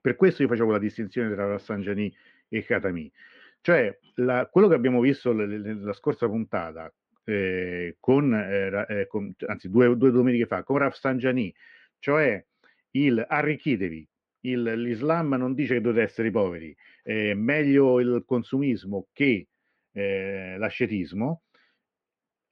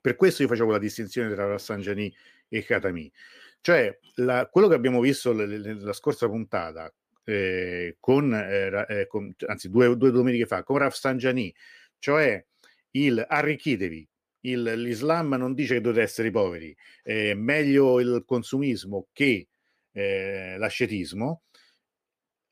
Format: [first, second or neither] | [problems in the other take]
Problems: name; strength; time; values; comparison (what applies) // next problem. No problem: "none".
second | muffled; slightly; fading above 3 kHz